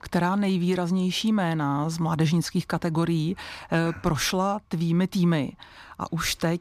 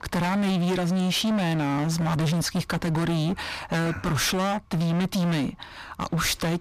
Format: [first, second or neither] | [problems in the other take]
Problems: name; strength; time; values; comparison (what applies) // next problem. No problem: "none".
first | distortion; heavy; 35% of the sound clipped